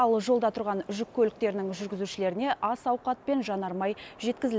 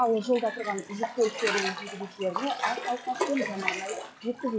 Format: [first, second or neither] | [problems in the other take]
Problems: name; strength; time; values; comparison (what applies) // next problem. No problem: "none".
first | noise reduction (classical method log-MMSE)